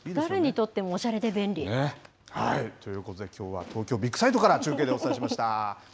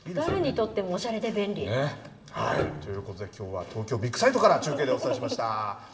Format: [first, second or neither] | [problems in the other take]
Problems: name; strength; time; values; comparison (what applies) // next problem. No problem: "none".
first | background sound (Piano); 13 dB below the speech // room echo; dies away in 2.5 s